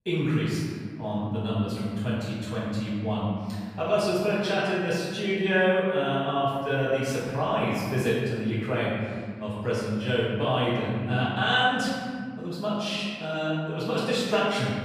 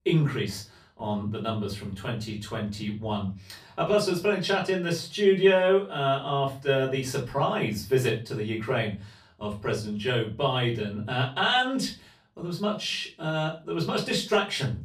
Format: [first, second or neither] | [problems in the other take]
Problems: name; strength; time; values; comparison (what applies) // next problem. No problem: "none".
second | room echo; strong; dies away in 1.7 s; slight in the second // off-mic speech; far; far in the second